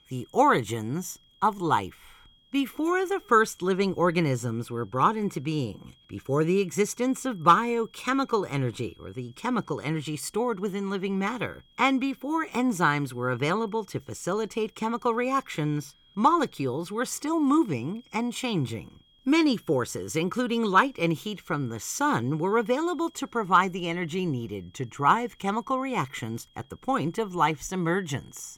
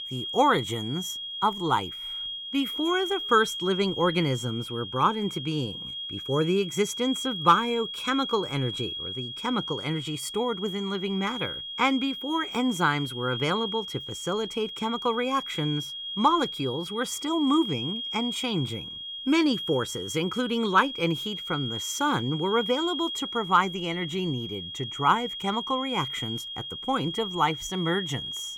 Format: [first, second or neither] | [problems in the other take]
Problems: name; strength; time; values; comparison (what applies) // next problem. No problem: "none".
first | high-pitched whine; loud; throughout; 3.5 kHz, 6 dB below the speech; faint in the first